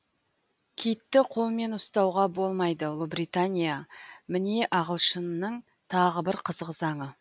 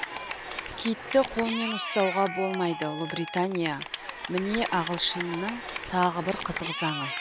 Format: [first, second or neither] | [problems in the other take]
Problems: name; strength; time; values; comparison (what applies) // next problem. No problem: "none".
first | background sound (Cheering / Clapping); 6 dB below the speech